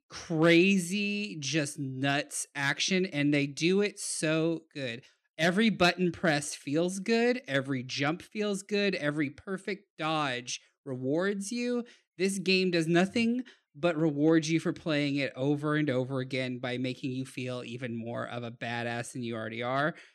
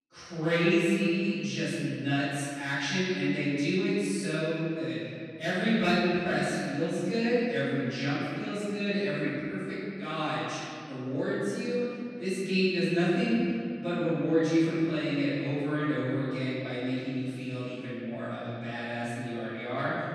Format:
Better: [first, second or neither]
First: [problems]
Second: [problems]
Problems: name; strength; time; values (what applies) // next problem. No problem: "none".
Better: first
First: none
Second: off-mic speech; far // room echo; strong; dies away in 2.3 s